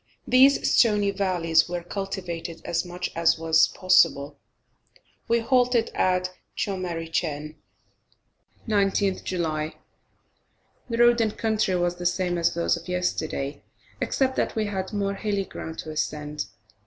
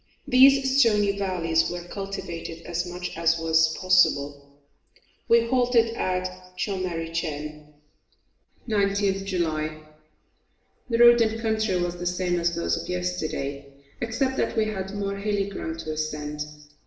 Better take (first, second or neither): first